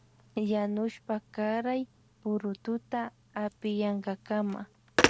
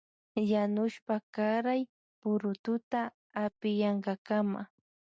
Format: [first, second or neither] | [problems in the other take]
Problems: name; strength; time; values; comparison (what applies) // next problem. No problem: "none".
second | background sound (Telephone); 4 dB below the speech